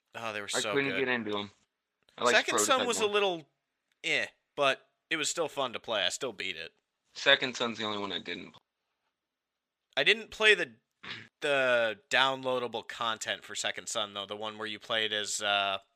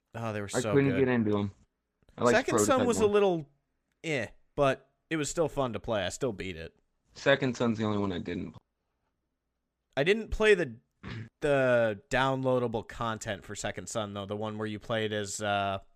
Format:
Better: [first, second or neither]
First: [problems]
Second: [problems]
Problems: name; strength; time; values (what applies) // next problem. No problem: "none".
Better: second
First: thin; somewhat; fading below 850 Hz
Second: none